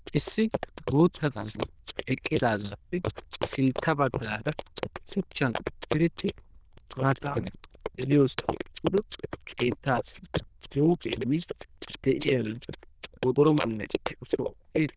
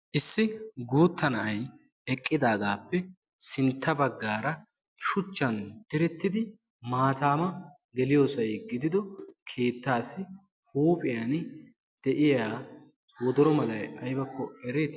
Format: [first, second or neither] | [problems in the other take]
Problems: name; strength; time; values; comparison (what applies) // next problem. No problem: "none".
second | noise reduction (neural diffusion model UNIVERSE++)